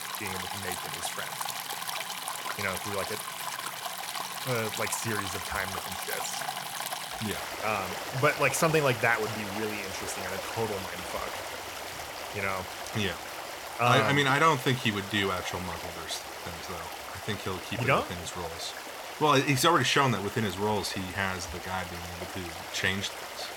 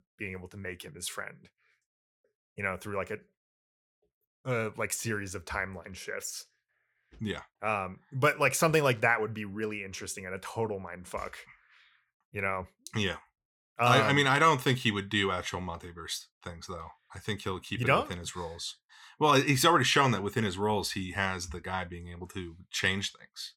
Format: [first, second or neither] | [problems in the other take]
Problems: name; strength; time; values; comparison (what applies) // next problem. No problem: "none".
second | rain or running water; loud; throughout; 7 dB below the speech